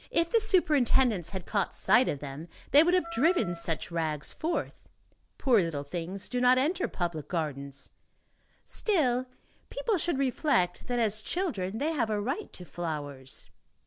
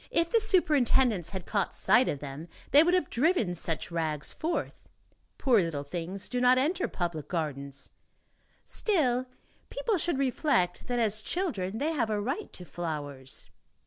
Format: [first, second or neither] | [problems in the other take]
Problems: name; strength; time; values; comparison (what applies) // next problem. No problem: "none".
second | background sound (Wind instrument, woodwind instrument); 15 dB below the speech